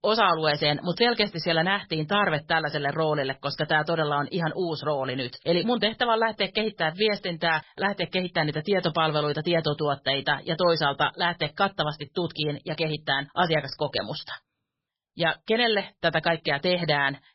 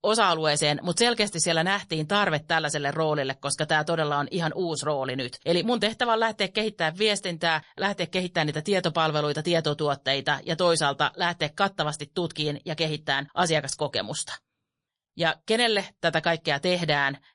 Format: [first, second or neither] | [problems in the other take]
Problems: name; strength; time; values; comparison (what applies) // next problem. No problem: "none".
second | garbled, watery; badly; nothing above 5.5 kHz; slightly in the second